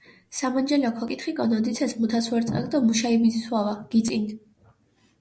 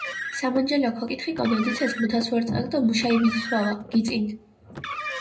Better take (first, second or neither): first